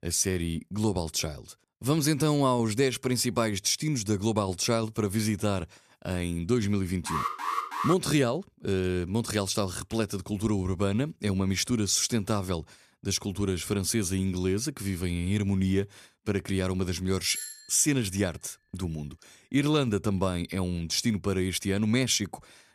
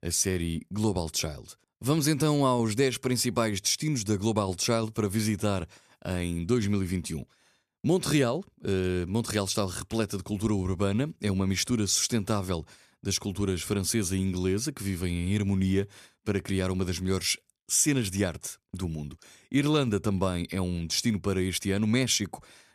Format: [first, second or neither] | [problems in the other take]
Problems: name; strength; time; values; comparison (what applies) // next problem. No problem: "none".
second | alarm; noticeable; at 7 s; peak 2 dB below the speech // doorbell; noticeable; at 17 s; peak 8 dB below the speech